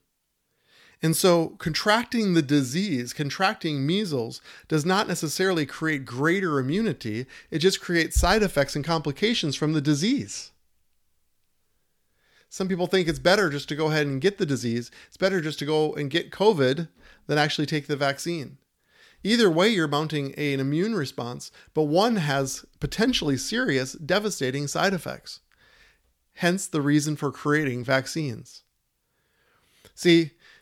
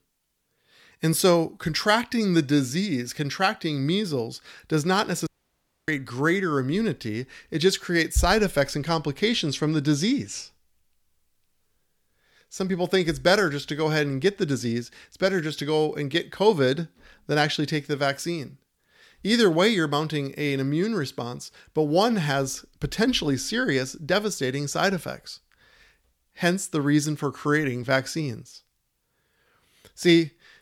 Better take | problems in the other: first | audio cutting out; at 5.5 s for 0.5 s

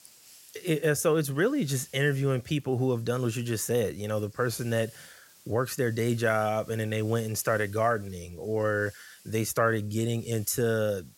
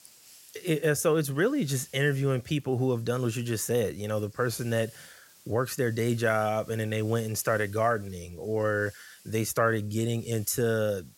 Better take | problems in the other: neither | hiss; faint; throughout; 25 dB below the speech; the same in both

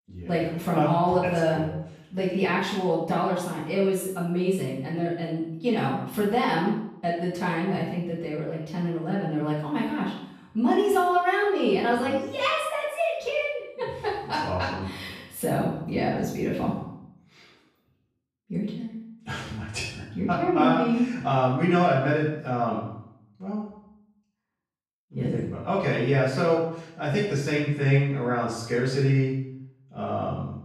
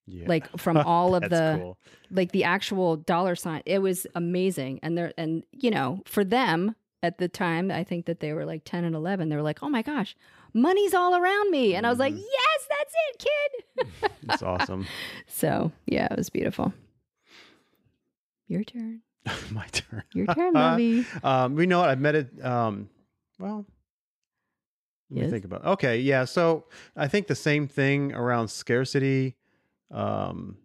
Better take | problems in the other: second | off-mic speech; far // room echo; noticeable; dies away in 0.7 s

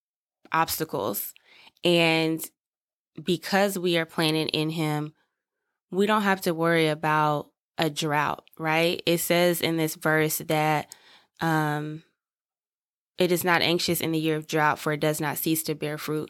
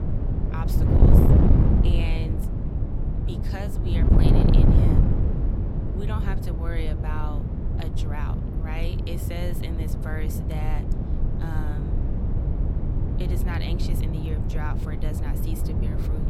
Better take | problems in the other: first | wind noise on the microphone; heavy; 3 dB above the speech

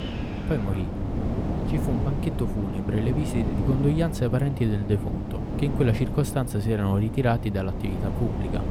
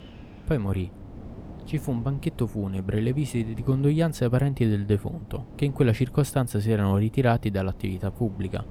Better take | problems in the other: second | wind noise on the microphone; heavy; 4 dB below the speech; occasional gusts in the second

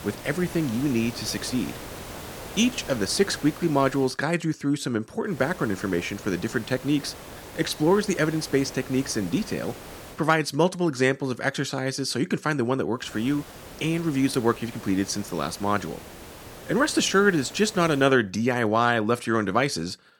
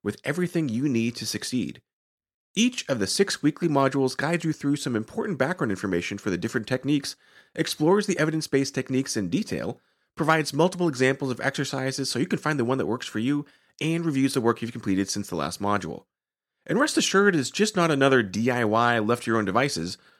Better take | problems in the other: second | hiss; noticeable; until 4 s, from 5.5 to 10 s and from 13 to 18 s; 15 dB below the speech

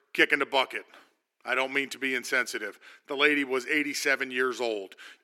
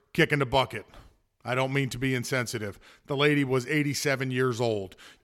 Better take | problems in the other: second | thin; somewhat; fading below 300 Hz

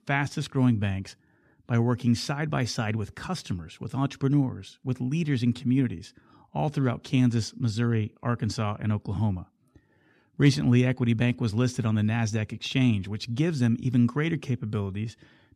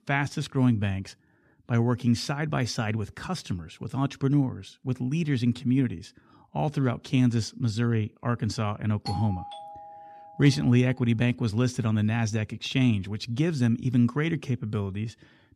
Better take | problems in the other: first | doorbell; noticeable; from 9 to 11 s; peak 10 dB below the speech

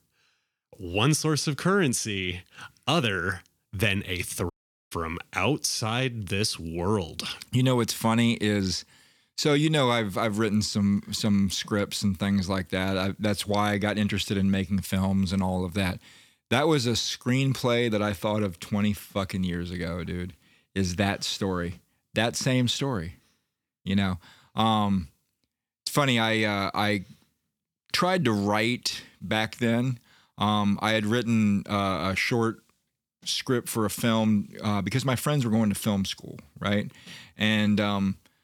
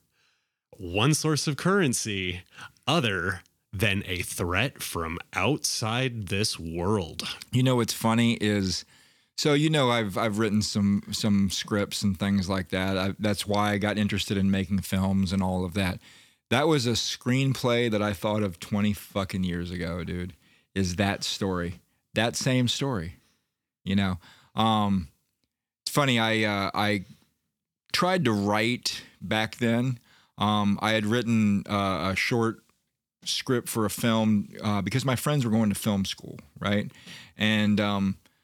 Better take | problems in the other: second | audio cutting out; at 4.5 s

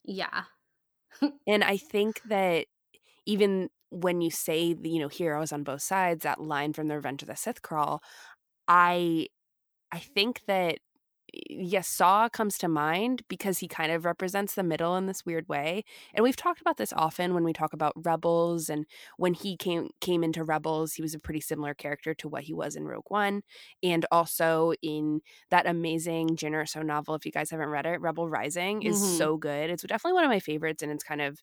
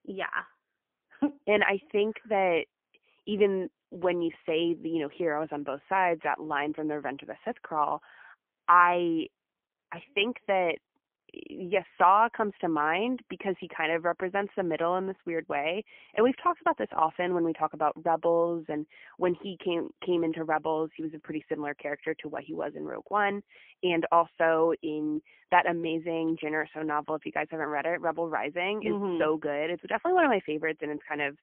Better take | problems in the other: first | phone-call audio; poor line; nothing above 3 kHz

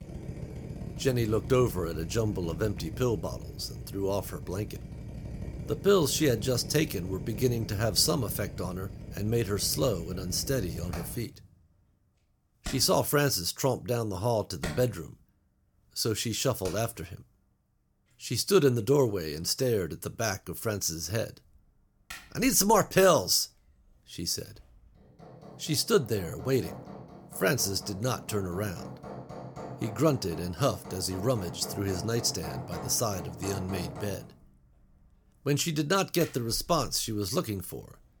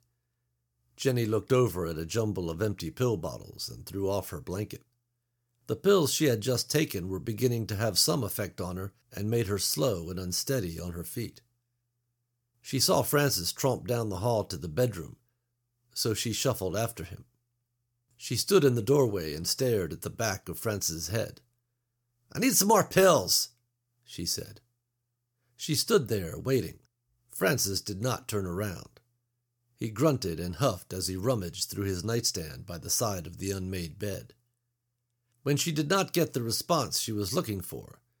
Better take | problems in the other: second | machinery noise; noticeable; throughout; 15 dB below the speech

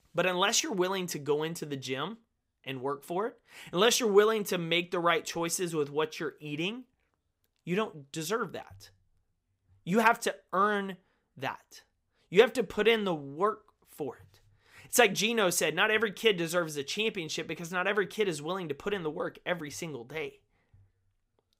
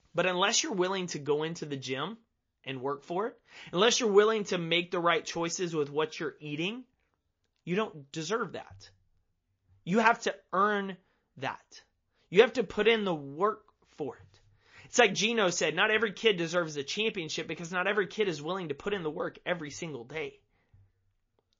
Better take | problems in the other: first | garbled, watery; slightly; nothing above 6.5 kHz

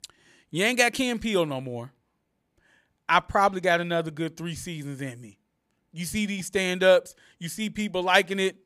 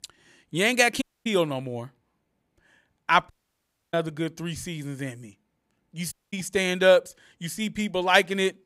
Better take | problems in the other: first | audio cutting out; at 1 s, at 3.5 s for 0.5 s and at 6 s

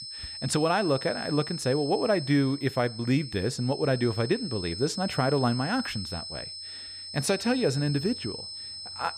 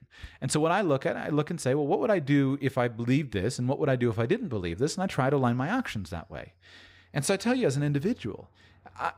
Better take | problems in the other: second | high-pitched whine; loud; throughout; 5 kHz, 9 dB below the speech

